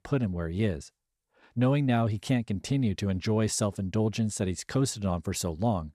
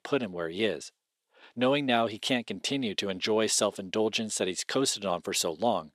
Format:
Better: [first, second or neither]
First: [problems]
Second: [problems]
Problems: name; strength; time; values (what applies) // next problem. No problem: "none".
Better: first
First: none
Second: thin; somewhat; fading below 400 Hz